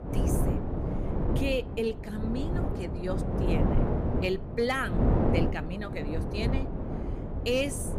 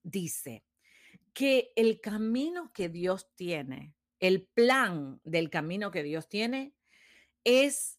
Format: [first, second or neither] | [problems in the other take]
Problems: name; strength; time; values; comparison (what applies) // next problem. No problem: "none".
second | wind noise on the microphone; heavy; 3 dB below the speech